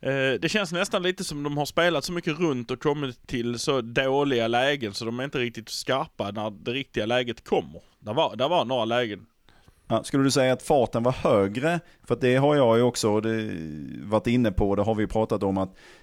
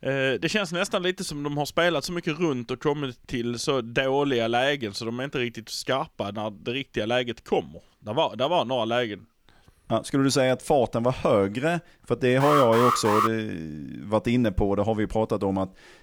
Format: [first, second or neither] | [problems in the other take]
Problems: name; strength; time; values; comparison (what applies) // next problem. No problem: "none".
first | alarm; loud; at 12 s; peak 2 dB above the speech